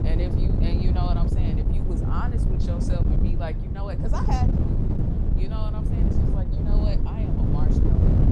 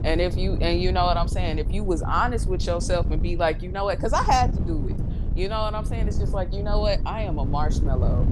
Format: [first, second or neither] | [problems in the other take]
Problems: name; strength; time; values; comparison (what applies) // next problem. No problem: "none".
second | wind noise on the microphone; heavy; 2 dB above the speech; occasional gusts in the second